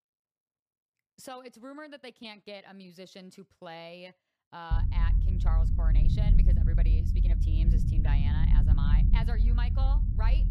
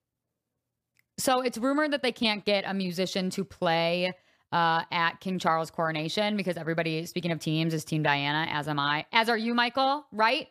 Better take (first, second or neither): second